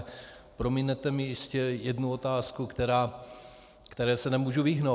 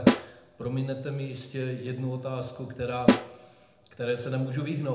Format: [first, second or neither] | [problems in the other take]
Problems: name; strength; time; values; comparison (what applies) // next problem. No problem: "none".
first | background sound (Snare drum); 4 dB above the speech // room echo; dies away in 0.8 s